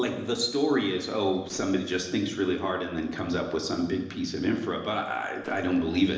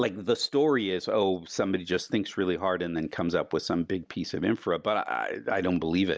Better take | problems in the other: second | noise reduction (neural separator model SepFormer DNS4)

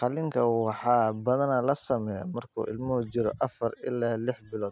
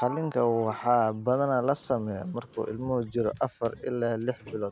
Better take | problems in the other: first | background sound (Sliding door); 18 dB below the speech

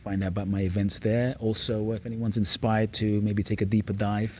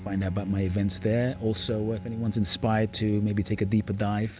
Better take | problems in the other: first | background sound (Bowed string instrument); 16 dB below the speech

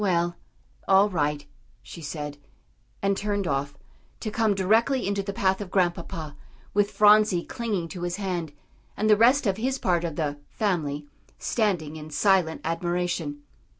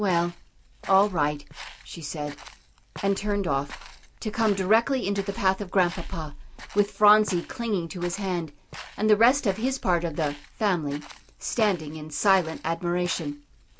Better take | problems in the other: first | background sound (Walk, footsteps); 19 dB below the speech

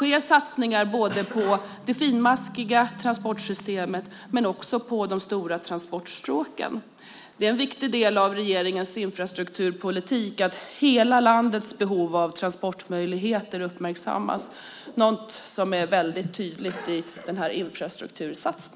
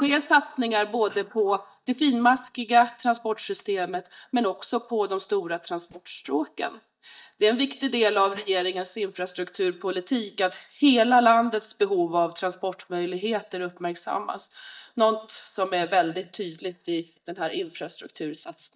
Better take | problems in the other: first | noise reduction (neural mask model DeepFilterNet 3)

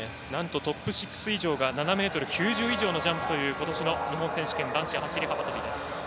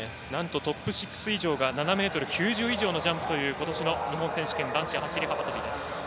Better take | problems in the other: second | background sound (Trumpet); 13 dB below the speech

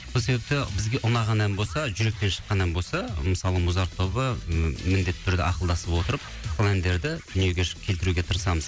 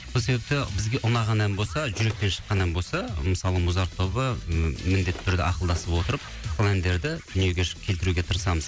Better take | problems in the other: first | background sound (Car); 19 dB below the speech

